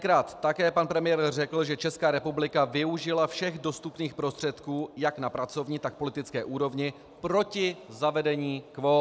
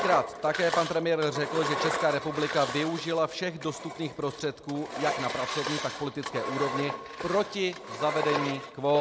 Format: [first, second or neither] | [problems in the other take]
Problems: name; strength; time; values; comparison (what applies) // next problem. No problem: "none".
first | background sound (Engine); 5 dB below the speech